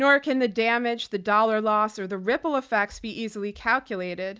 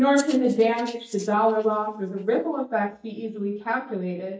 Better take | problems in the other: first | noise reduction (neural mask model DeepFilterNet 3)

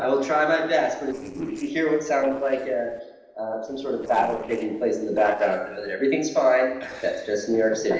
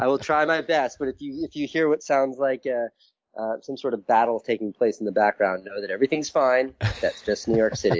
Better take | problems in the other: second | noise reduction (neural separator model SepFormer DNS4)

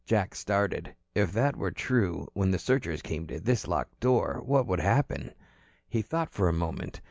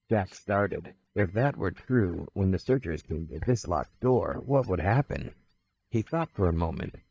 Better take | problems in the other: first | noise reduction (neural mask model DeepFilterNet 3)

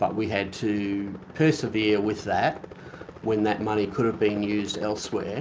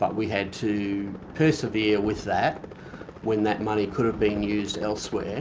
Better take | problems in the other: first | background sound (Thunder); 18 dB below the speech

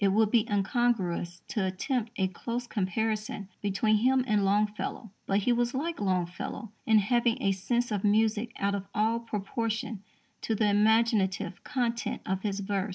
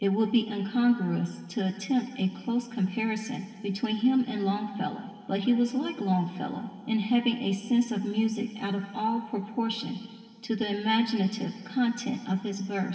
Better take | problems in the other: first | room echo; dies away in 2.2 s

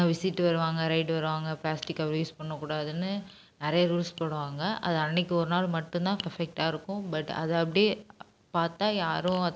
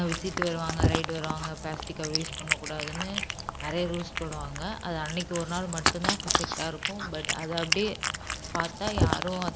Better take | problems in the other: first | background sound (Cat); 2 dB above the speech

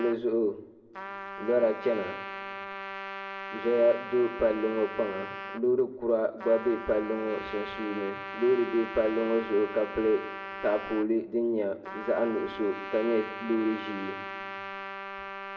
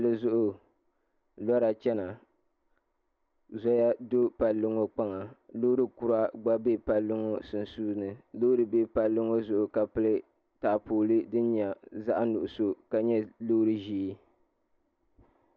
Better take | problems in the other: second | background sound (Trumpet); 10 dB below the speech // room echo; dies away in 1.1 s

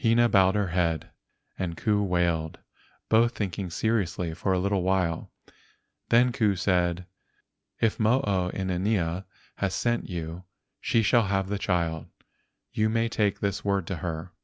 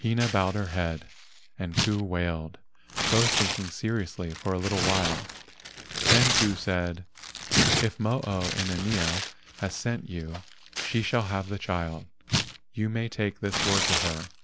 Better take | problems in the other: first | background sound (Tearing); 1 dB below the speech

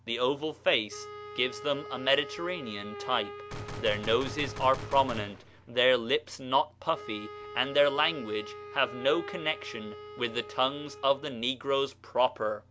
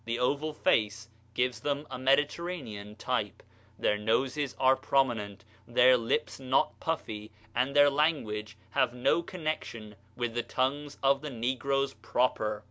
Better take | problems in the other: second | background sound (Wind instrument, woodwind instrument + Gunshot, gunfire); 13 dB below the speech

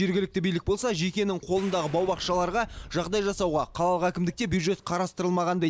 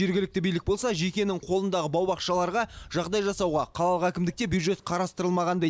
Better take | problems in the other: second | background sound (Explosion); 20 dB below the speech

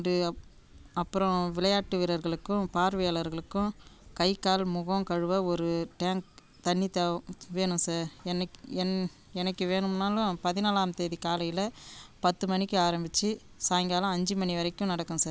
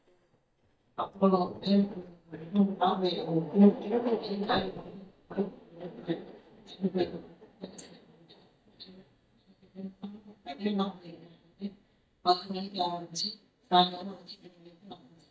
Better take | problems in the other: first | noise reduction (neural mask model DeepFilterNet 3)

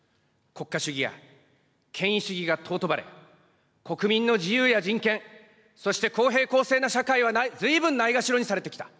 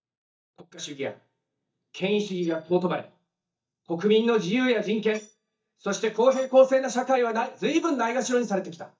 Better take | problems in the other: first | noise reduction (neural mask model DeepFilterNet 3)

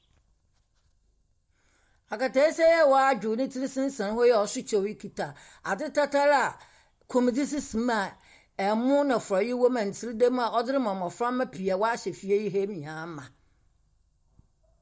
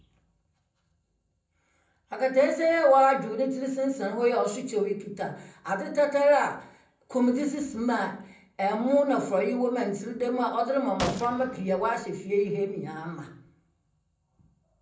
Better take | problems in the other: first | background sound (Gunshot, gunfire); 12 dB below the speech // room echo; dies away in 0.6 s

